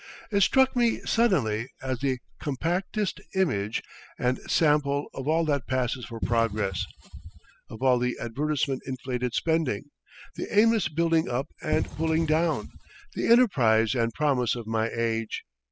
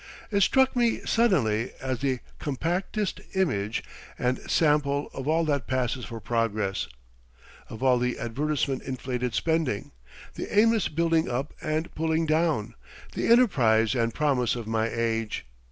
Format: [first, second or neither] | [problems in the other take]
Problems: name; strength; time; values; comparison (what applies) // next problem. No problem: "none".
second | noise reduction (classical method spectral subtraction)